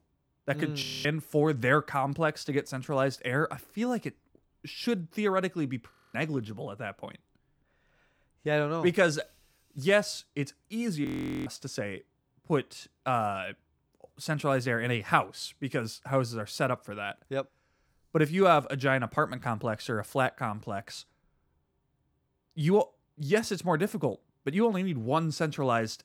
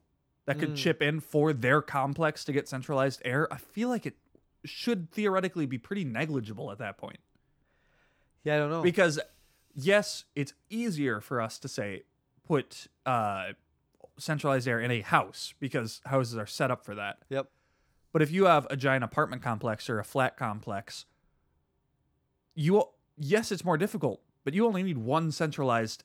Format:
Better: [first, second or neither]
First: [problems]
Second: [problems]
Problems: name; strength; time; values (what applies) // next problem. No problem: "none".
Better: second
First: audio freezing; at 1 s, at 6 s and at 11 s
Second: none